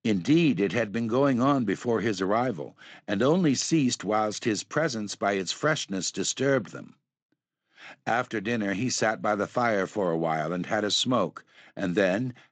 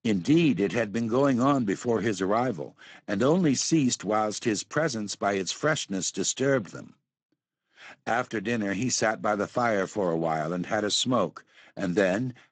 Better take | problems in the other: first | garbled, watery; badly; nothing above 7.5 kHz; slightly in the first

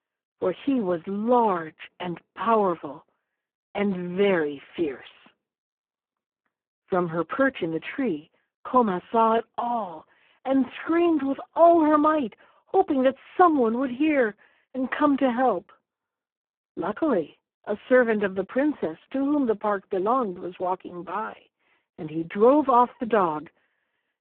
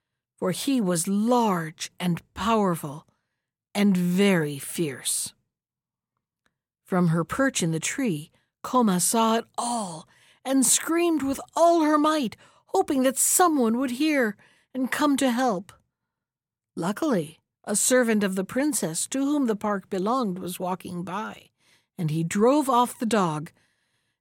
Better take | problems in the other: second | phone-call audio; poor line

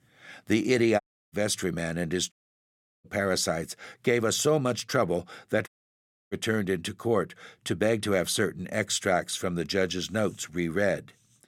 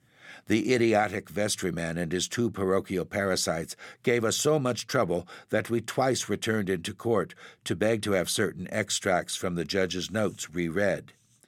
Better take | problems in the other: second | audio cutting out; at 1 s, at 2.5 s for 0.5 s and at 5.5 s for 0.5 s

